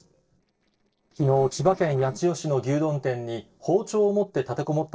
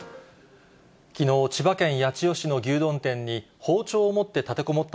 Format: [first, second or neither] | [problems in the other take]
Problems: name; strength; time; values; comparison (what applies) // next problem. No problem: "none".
second | noise reduction (neural separator model SepFormer DNS4)